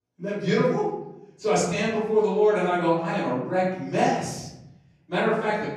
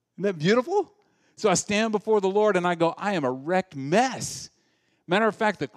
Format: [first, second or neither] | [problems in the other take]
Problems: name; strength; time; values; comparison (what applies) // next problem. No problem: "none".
second | off-mic speech; far // room echo; noticeable; dies away in 0.9 s